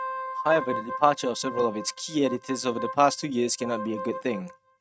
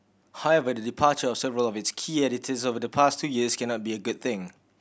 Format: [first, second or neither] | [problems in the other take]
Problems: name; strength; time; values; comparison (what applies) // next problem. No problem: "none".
second | noise reduction (neural mask model RNNoise)